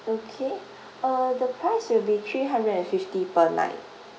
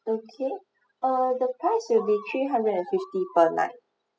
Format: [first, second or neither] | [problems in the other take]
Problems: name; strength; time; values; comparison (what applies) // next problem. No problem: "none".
first | noise reduction (classical method spectral subtraction)